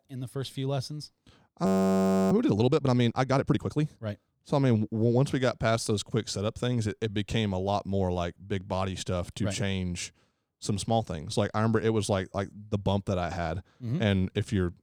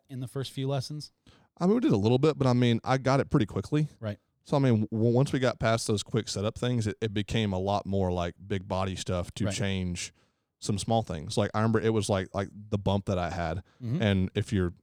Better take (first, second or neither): second